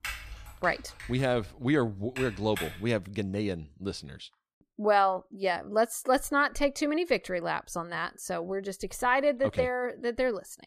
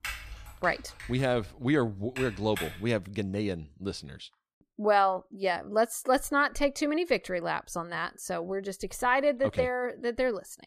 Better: neither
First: keyboard typing; noticeable; until 3 s; peak 8 dB below the speech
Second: keyboard typing; noticeable; until 3 s; peak 8 dB below the speech

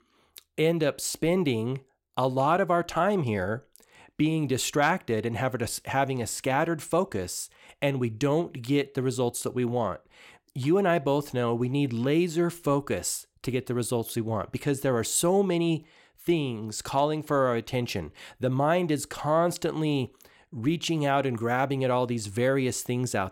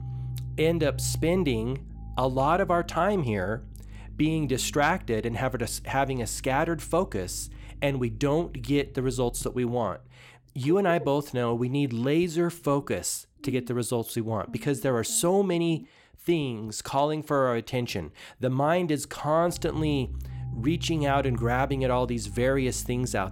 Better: first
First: none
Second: low rumble; faint; throughout; 25 dB below the speech

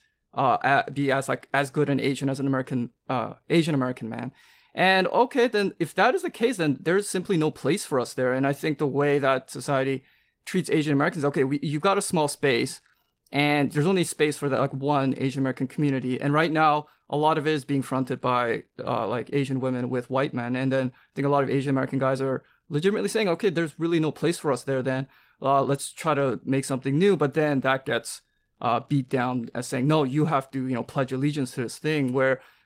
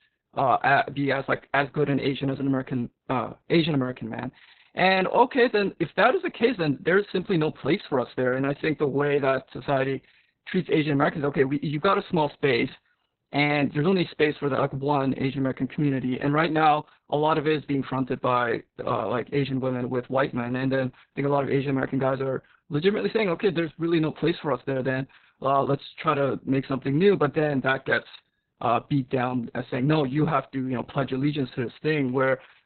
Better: first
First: garbled, watery; slightly; nothing above 16 kHz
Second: garbled, watery; badly; nothing above 4 kHz

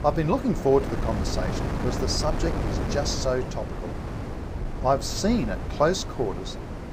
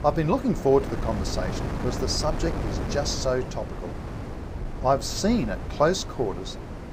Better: second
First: wind noise on the microphone; heavy; 8 dB below the speech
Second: wind noise on the microphone; occasional gusts; 10 dB below the speech

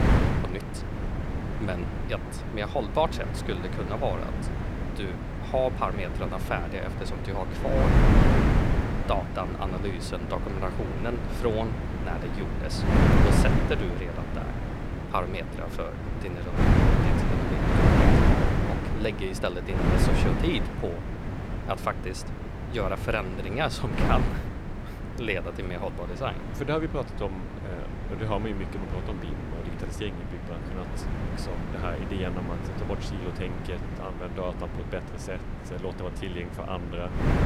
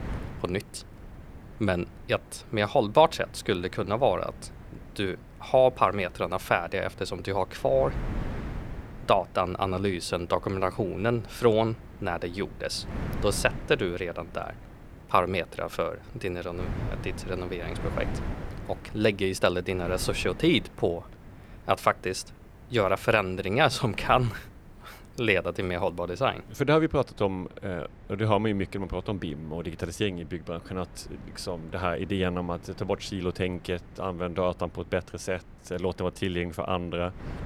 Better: second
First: wind noise on the microphone; heavy; 1 dB below the speech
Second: wind noise on the microphone; occasional gusts; 20 dB below the speech

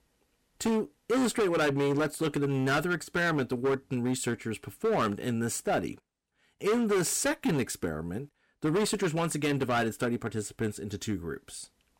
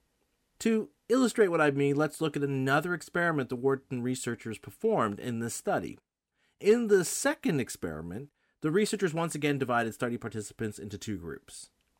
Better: second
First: distortion; heavy; 11% of the sound clipped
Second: none

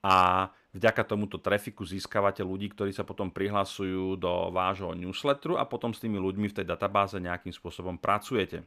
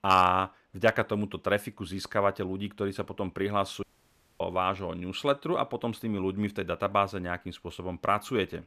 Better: first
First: none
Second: audio cutting out; at 4 s for 0.5 s

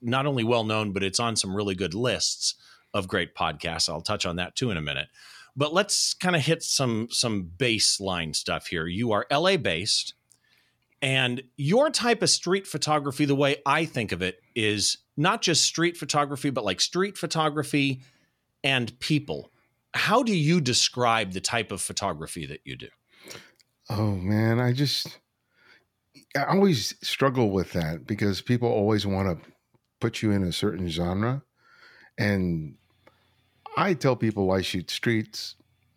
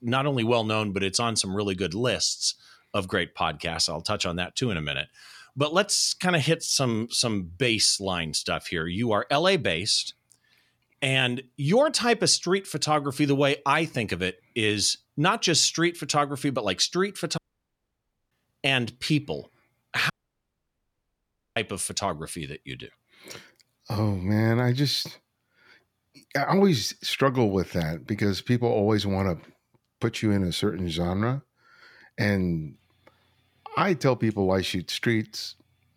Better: first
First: none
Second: audio cutting out; at 17 s for 1 s and at 20 s for 1.5 s

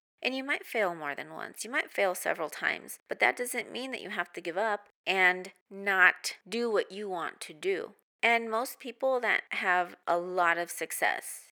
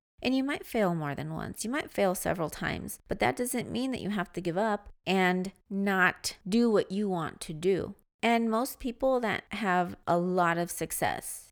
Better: second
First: thin; somewhat; fading below 450 Hz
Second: none

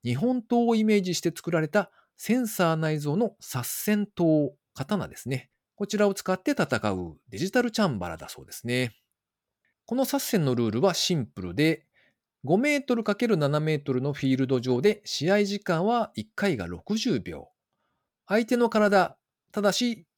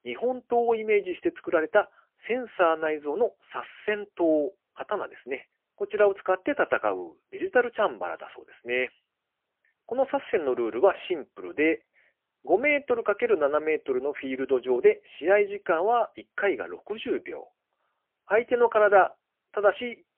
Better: first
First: none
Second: phone-call audio; poor line; nothing above 3 kHz

